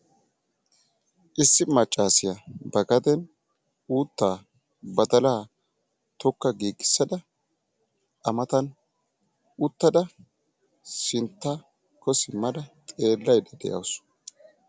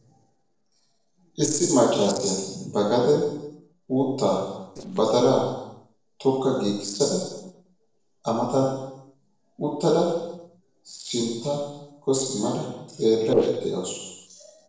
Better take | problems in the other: first | noise reduction (neural separator model SepFormer DNS4)

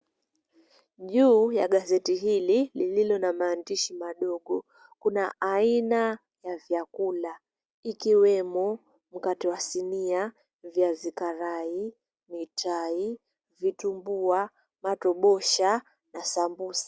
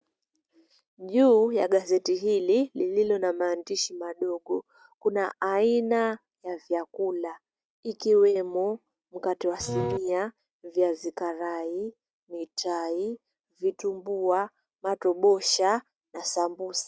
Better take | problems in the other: first | noise reduction (neural mask model RNNoise)

